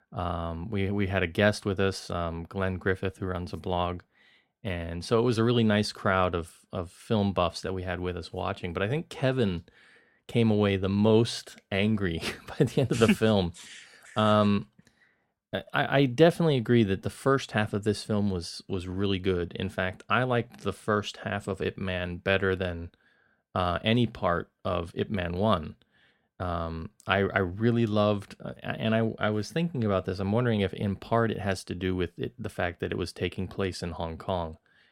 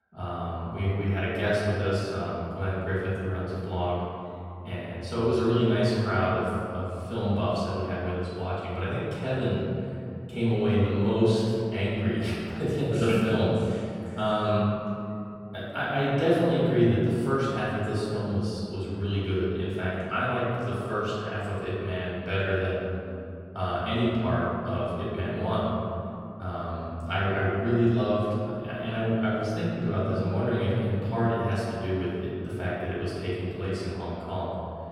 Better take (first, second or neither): first